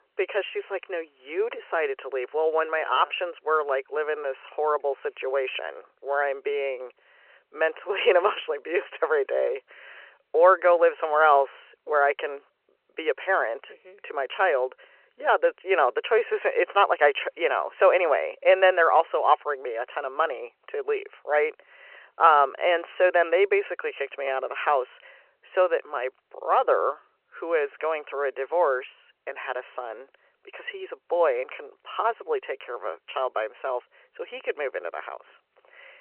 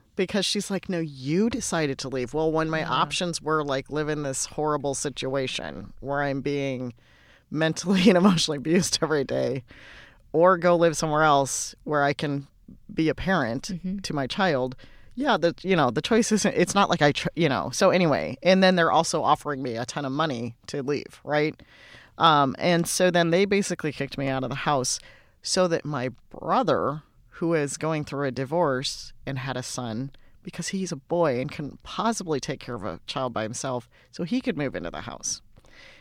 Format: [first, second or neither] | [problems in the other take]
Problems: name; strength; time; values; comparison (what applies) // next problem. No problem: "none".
second | phone-call audio